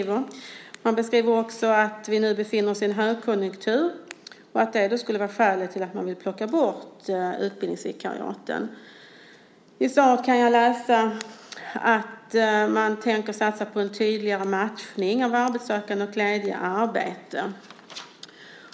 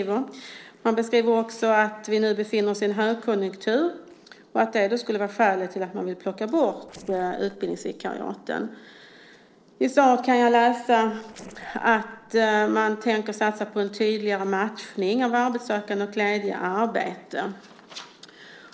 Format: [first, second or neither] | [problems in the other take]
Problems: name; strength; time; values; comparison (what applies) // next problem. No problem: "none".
first | noise reduction (neural separator model SepFormer DNS4)